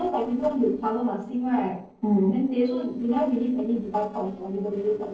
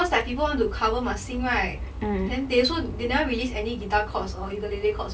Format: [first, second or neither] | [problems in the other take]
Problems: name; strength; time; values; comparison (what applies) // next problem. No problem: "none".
second | noise reduction (neural separator model SepFormer DNS4)